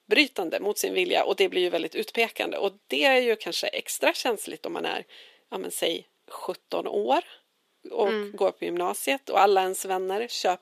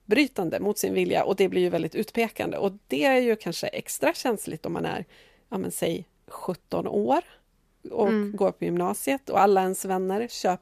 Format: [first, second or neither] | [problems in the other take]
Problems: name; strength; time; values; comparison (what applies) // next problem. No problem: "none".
second | thin; somewhat; fading below 300 Hz